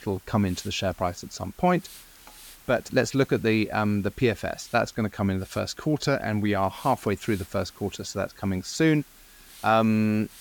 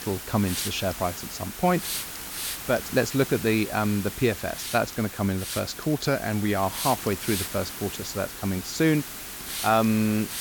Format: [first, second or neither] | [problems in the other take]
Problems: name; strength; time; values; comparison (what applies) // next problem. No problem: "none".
first | hiss; loud; throughout; 7 dB below the speech; faint in the first